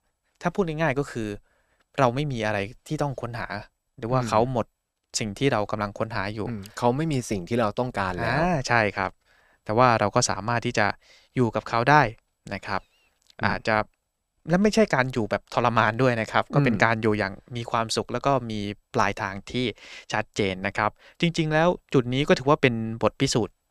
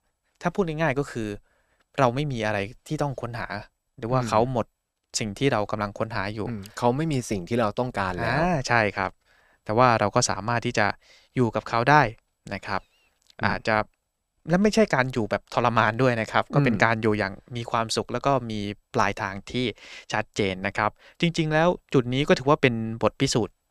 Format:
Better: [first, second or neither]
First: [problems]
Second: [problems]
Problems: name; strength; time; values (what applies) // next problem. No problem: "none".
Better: neither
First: none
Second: none